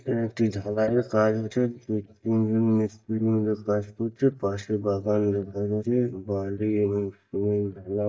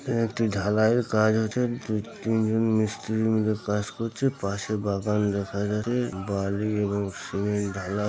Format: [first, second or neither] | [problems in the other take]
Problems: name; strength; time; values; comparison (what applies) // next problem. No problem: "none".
second | noise reduction (neural mask model DeepFilterNet 3)